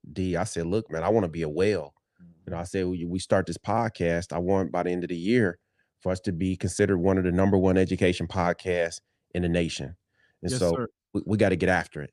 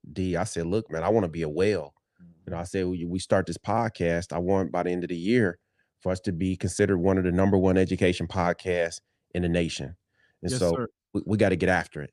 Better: neither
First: none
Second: none

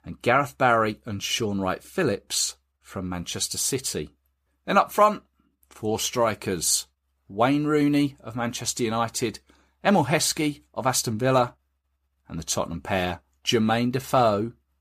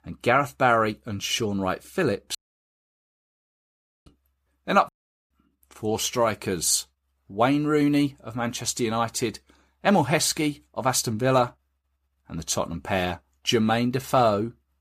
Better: first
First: none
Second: audio cutting out; at 2.5 s for 1.5 s and at 5 s

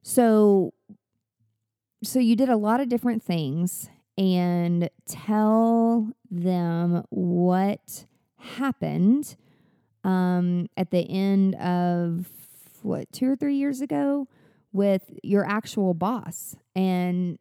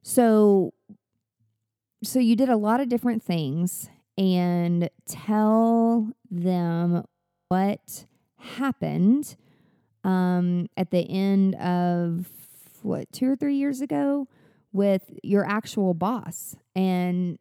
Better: first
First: none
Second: audio freezing; at 7 s

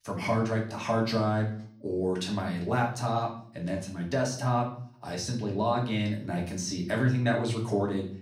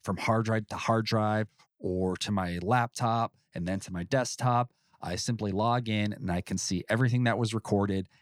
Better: second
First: room echo; slight; dies away in 0.5 s // off-mic speech; far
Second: none

